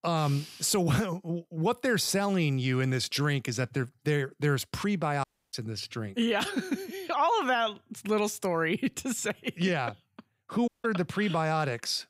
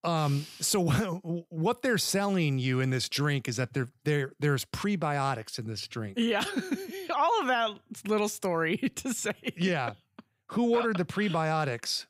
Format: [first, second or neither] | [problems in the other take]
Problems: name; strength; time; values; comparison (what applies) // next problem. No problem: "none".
second | audio cutting out; at 5 s and at 11 s